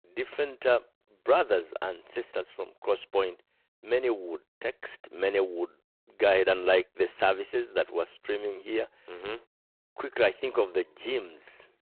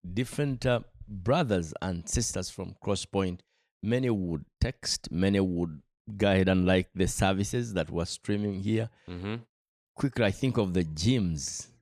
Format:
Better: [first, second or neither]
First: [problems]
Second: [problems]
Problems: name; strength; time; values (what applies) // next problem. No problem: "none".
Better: second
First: phone-call audio; poor line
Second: none